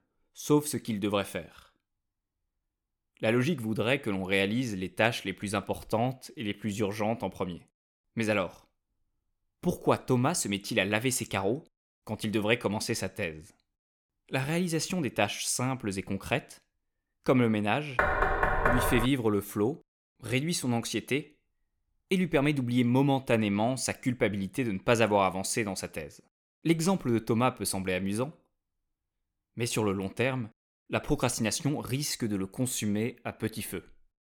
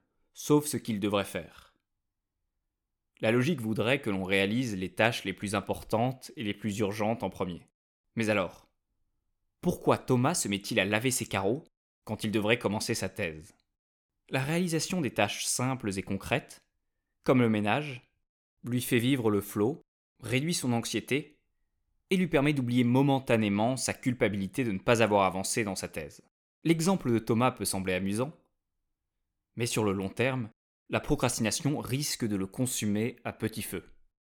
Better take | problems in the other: second | door banging; loud; from 18 to 19 s; peak 3 dB above the speech

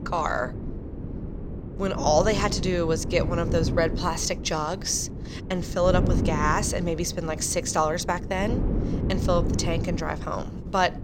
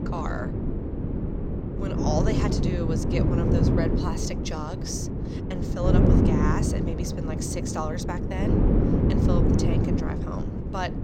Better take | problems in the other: first | wind noise on the microphone; heavy; 2 dB above the speech; occasional gusts in the first

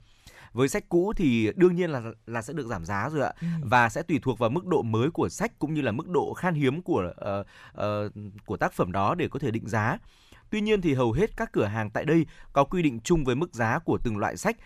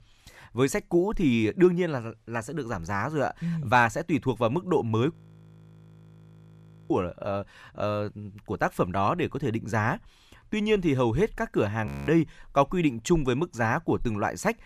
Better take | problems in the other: first | audio freezing; at 5 s for 2 s and at 12 s

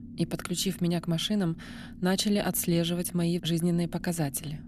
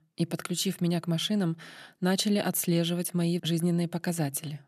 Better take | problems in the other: second | low rumble; faint; throughout; 20 dB below the speech

